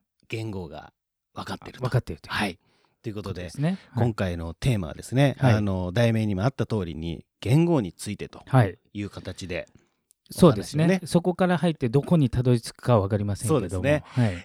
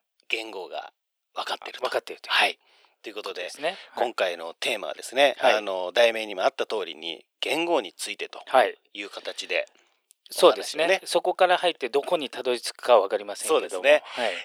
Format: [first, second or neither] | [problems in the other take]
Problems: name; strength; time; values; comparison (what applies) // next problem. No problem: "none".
first | thin; very; fading below 400 Hz